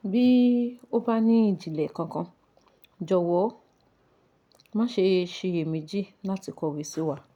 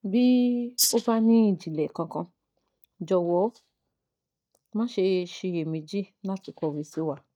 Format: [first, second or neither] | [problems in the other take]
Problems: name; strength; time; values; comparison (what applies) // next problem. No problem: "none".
first | noise reduction (neural mask model DeepFilterNet 3)